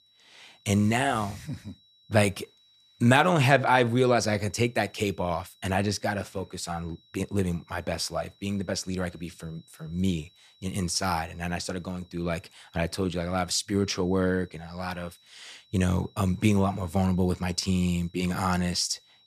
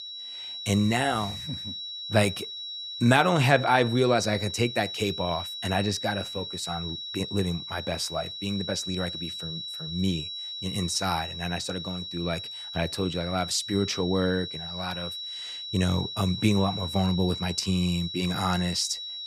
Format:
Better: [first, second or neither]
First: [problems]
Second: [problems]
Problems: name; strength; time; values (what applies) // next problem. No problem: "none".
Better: first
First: high-pitched whine; faint; throughout; 4 kHz, 30 dB below the speech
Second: high-pitched whine; loud; throughout; 4 kHz, 7 dB below the speech